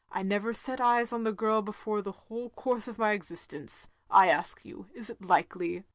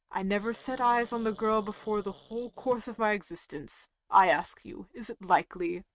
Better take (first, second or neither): first